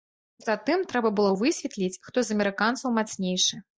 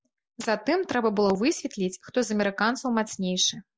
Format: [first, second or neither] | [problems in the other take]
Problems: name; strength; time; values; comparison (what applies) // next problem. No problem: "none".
second | noise reduction (neural mask model DeepFilterNet 3)